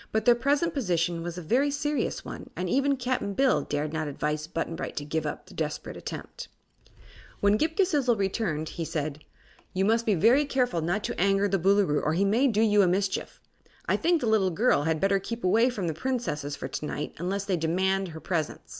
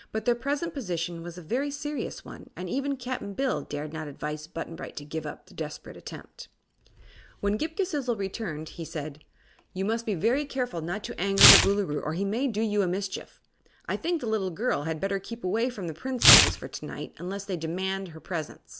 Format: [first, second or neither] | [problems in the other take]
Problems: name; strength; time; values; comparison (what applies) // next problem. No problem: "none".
first | background sound (Tearing); 2 dB above the speech